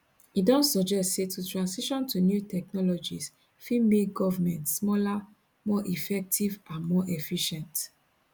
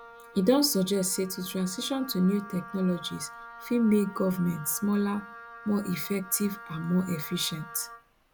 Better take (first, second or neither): first